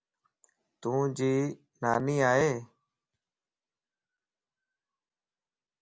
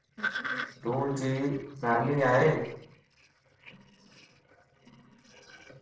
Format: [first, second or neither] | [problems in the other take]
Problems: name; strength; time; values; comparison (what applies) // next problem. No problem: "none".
first | noise reduction (neural separator model SepFormer DNS4)